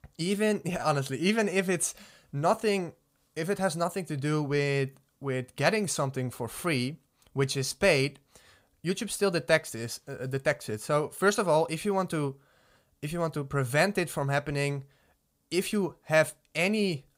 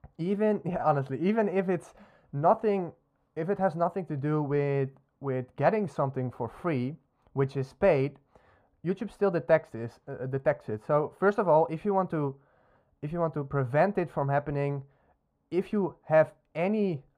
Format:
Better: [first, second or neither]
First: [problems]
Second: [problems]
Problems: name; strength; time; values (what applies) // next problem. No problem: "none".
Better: first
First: none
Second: muffled; very; fading above 3 kHz